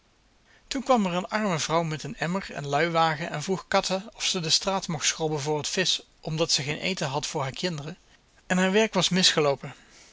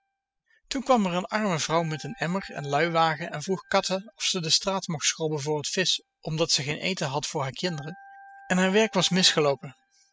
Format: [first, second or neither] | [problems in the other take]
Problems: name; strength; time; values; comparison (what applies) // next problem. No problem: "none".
first | noise reduction (classical method spectral subtraction)